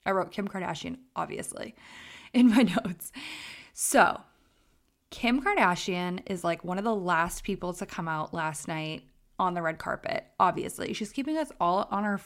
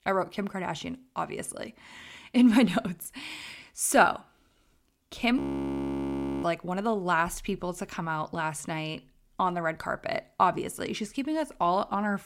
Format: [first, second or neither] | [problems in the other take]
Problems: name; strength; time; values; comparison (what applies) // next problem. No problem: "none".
first | audio freezing; at 5.5 s for 1 s